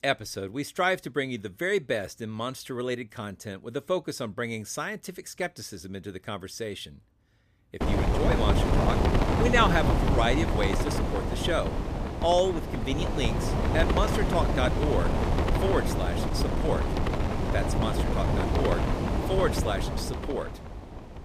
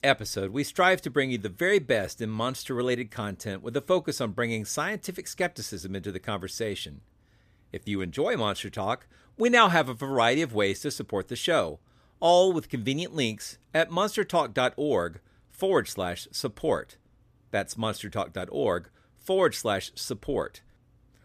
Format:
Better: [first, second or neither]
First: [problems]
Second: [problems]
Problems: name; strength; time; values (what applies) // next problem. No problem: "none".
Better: second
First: wind noise on the microphone; heavy; from 8 s on; 1 dB below the speech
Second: none